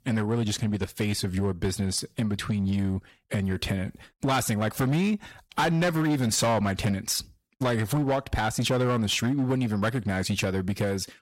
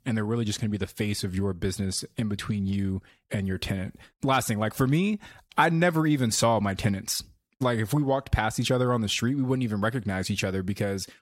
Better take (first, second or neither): second